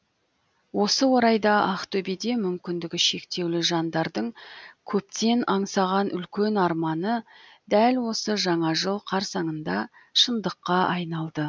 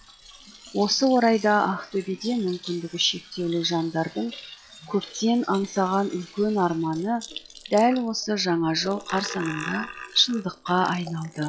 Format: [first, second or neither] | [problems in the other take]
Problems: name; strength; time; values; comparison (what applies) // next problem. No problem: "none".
first | noise reduction (classical method log-MMSE)